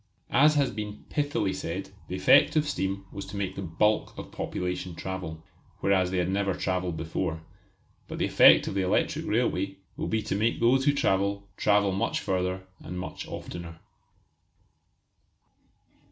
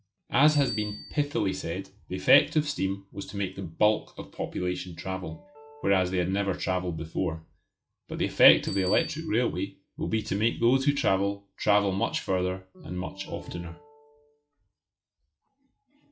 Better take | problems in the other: first | noise reduction (classical method log-MMSE)

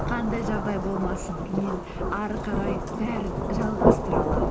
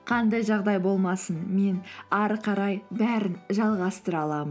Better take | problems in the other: second | background sound (Rain / Thunderstorm); 4 dB above the speech

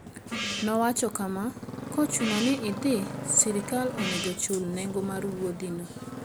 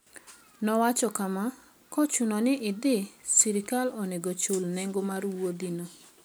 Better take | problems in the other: second | background sound (Gong + Motorcycle); 7 dB below the speech

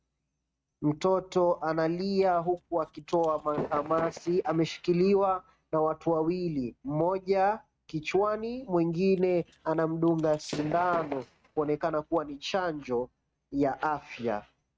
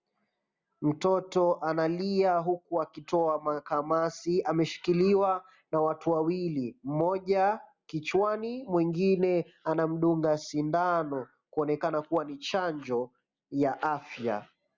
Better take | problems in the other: second | noise reduction (neural mask model RNNoise)

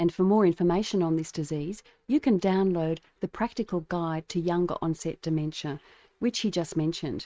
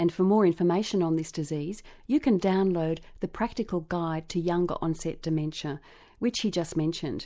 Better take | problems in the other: second | noise reduction (neural mask model RNNoise)

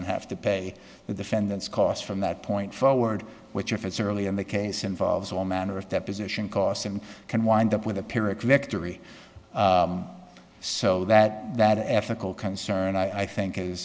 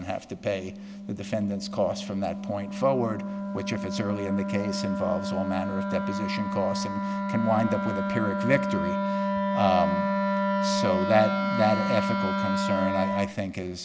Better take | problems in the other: first | background sound (Wind instrument, woodwind instrument); as loud as the speech

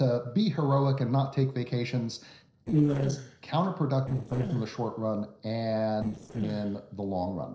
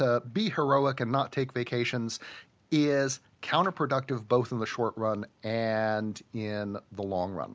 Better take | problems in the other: second | noise reduction (neural separator model SepFormer DNS4)

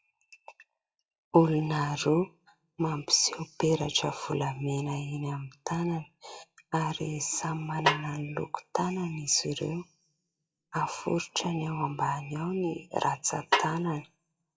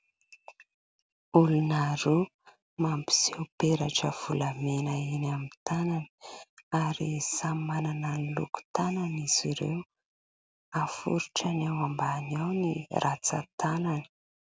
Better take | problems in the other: second | noise reduction (classical method WPE with log-MMSE)

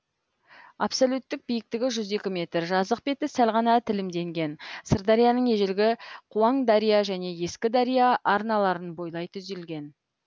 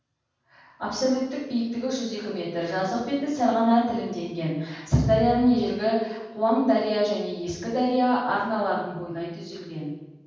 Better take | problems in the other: first | room echo; dies away in 1.2 s

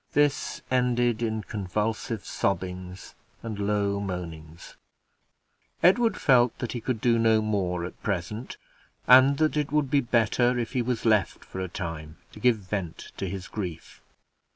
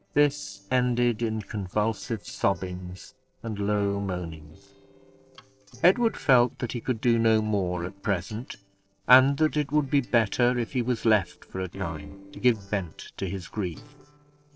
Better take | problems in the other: first | noise reduction (neural separator model SepFormer DNS4)

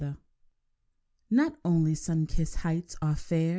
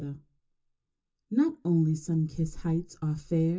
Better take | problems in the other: first | room echo; dies away in 0.2 s

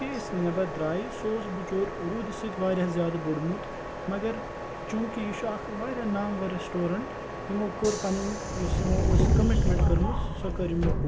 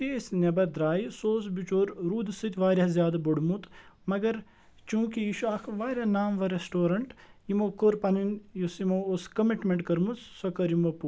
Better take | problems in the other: second | background sound (Subway, metro, underground); 1 dB above the speech

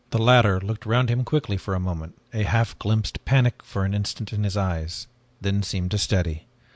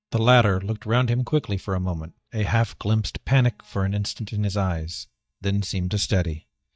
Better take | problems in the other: first | noise reduction (neural mask model DeepFilterNet 3)

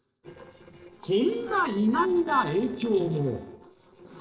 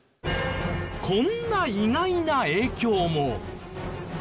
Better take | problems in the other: second | noise reduction (neural separator model SepFormer DNS4)

